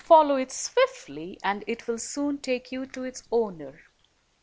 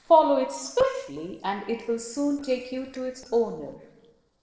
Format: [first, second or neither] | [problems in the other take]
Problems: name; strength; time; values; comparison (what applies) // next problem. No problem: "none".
first | noise reduction (neural separator model SepFormer DNS4)